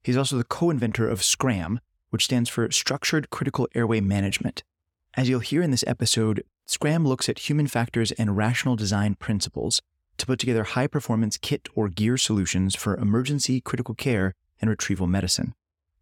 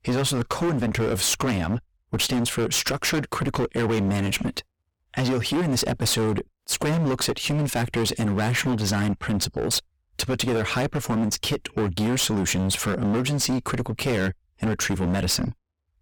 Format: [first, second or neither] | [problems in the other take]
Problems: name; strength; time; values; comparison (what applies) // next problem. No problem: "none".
first | distortion; heavy; 26% of the sound clipped